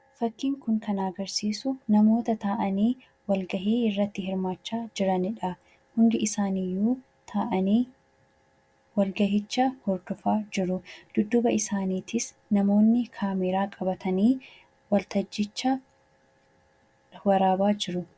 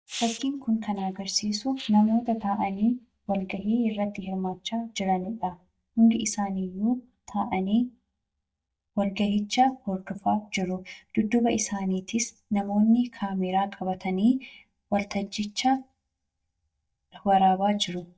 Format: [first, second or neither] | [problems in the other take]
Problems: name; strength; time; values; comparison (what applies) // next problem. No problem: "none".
first | noise reduction (neural mask model DeepFilterNet 3)